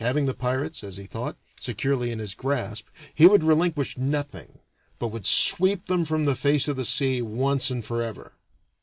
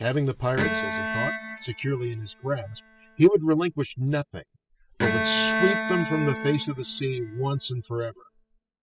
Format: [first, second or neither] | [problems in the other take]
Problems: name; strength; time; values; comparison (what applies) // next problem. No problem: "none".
first | noise reduction (classical method spectral subtraction)